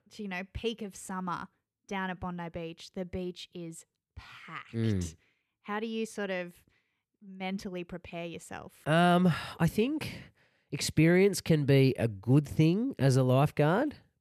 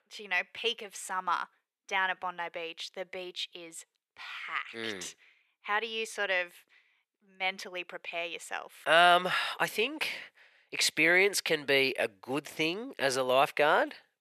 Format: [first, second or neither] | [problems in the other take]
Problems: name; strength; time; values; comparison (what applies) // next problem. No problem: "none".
first | thin; very; fading below 650 Hz